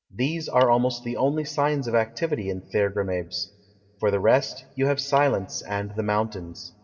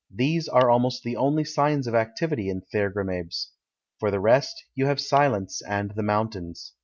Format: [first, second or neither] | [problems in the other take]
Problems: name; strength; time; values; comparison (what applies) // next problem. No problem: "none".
second | room echo; dies away in 0.3 s